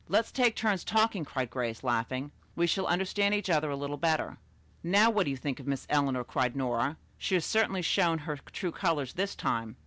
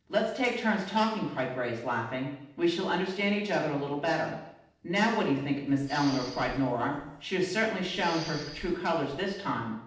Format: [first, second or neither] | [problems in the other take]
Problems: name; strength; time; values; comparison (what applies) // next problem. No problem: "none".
first | noise reduction (neural separator model SepFormer DNS4)